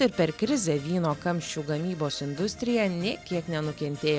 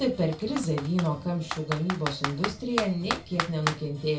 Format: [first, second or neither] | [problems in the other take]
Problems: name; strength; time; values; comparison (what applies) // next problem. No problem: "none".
first | background sound (Computer keyboard); 7 dB below the speech // room echo; dies away in 0.2 s